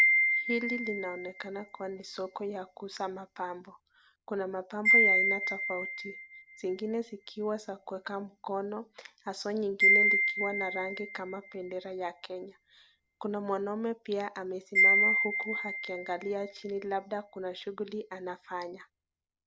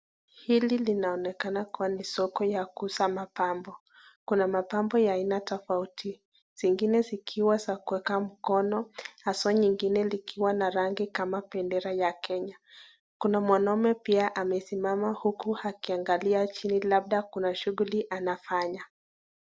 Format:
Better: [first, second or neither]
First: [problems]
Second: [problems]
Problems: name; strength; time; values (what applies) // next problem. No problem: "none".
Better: second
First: background sound (Wind chime); 4 dB above the speech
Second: none